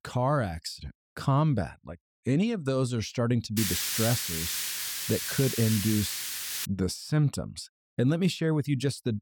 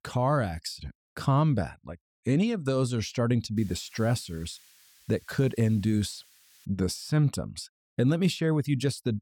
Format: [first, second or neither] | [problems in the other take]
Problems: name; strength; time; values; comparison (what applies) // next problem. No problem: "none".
second | hiss; loud; from 3.5 to 6.5 s; 2 dB below the speech; faint in the second